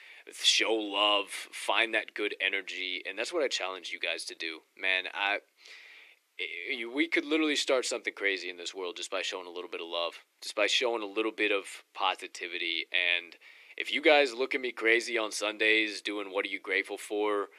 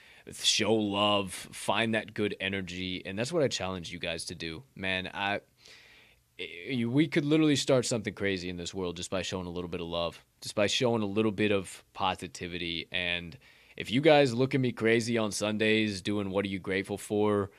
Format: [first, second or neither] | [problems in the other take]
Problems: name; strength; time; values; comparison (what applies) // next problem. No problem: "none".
second | thin; somewhat; fading below 350 Hz